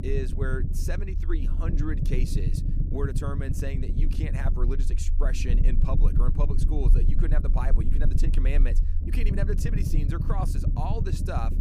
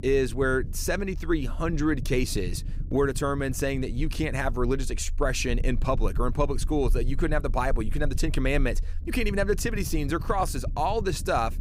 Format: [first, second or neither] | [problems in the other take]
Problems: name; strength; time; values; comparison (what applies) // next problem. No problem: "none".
second | low rumble; loud; throughout; 5 dB below the speech; faint in the second